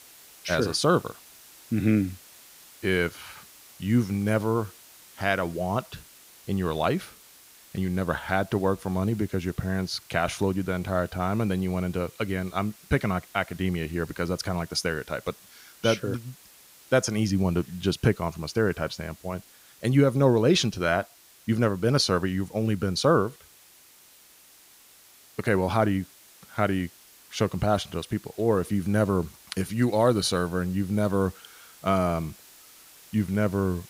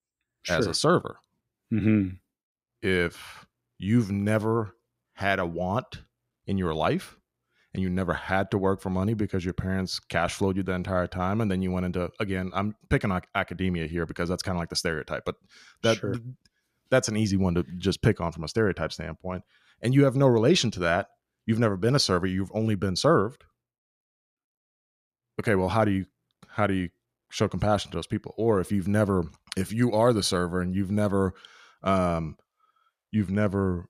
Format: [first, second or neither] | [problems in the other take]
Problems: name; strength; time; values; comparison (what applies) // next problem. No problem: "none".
second | hiss; faint; throughout; 25 dB below the speech